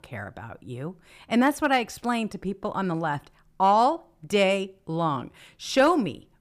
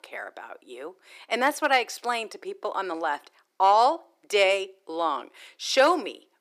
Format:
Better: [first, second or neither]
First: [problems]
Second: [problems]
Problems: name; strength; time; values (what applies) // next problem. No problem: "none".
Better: first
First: none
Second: thin; very; fading below 350 Hz